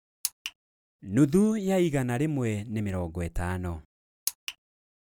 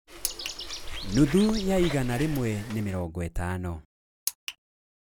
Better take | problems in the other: first | background sound (Bird); 7 dB below the speech

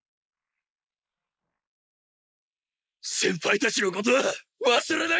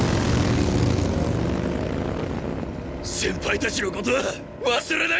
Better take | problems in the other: second | noise reduction (neural mask model Resemble Enhance denoiser)

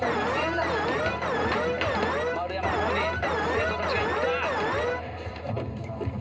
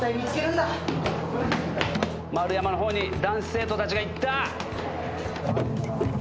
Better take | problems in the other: second | background sound (Alarm); 4 dB above the speech // room echo; dies away in 0.2 s

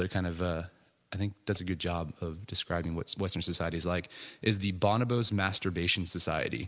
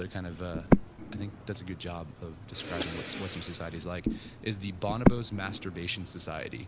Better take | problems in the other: first | background sound (Breathing); 5 dB above the speech

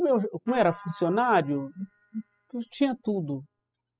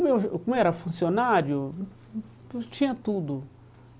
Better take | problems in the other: second | noise reduction (classical method spectral subtraction)

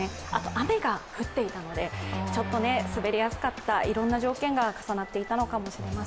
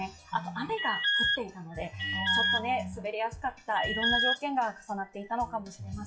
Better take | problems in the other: first | noise reduction (classical method WPE with log-MMSE)

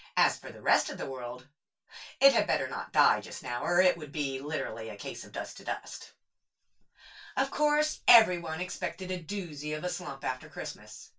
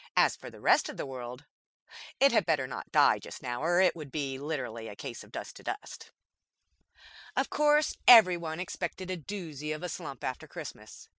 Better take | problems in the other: second | room echo; dies away in 0.2 s

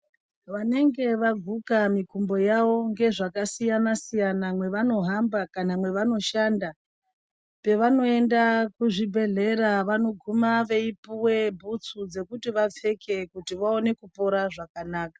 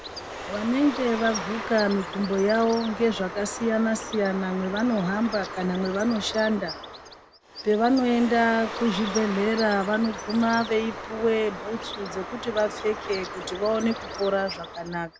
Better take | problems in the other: first | background sound (Bird); 10 dB below the speech

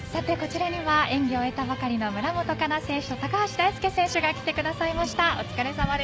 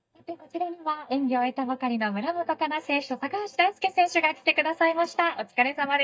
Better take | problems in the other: first | noise reduction (neural mask model DeepFilterNet 3)

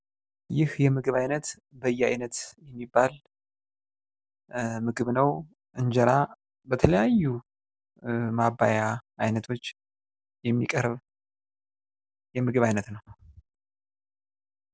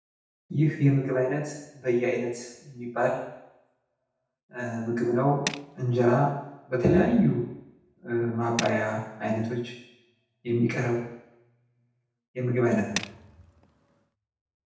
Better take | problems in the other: first | background sound (Tools); 11 dB below the speech // room echo; dies away in 0.8 s

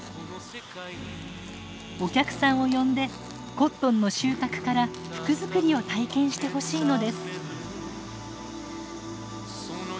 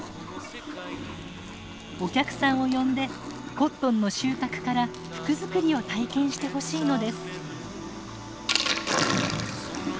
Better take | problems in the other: first | background sound (Sink (filling or washing)); 6 dB below the speech

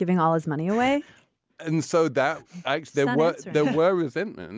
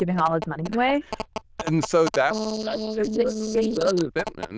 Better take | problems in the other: first | noise reduction (neural diffusion model UNIVERSE++)

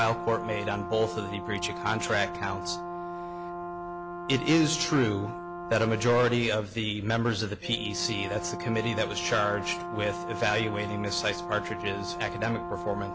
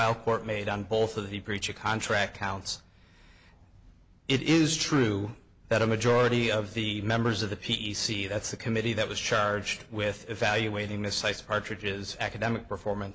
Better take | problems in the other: second | background sound (Brass instrument); 8 dB below the speech

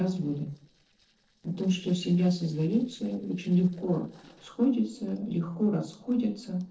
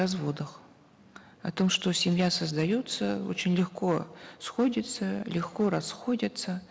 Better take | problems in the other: second | noise reduction (neural separator model SepFormer DNS4)

